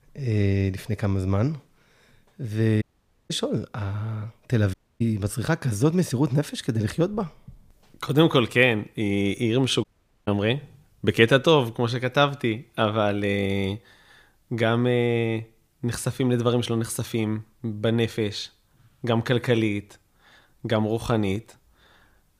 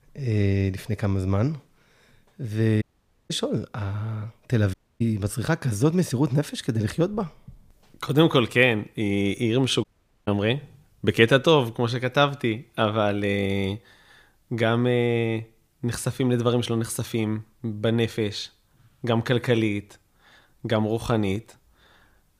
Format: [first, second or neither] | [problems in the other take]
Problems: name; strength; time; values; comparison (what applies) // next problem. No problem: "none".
neither | audio cutting out; at 3 s, at 4.5 s and at 10 s; the same in both